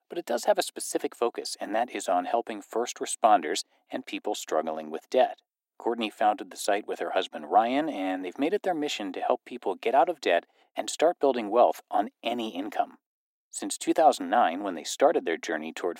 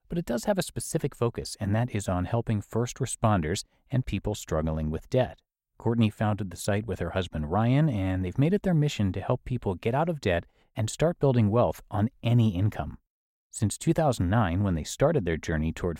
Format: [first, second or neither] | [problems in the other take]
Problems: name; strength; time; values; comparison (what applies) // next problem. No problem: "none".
second | thin; very; fading below 300 Hz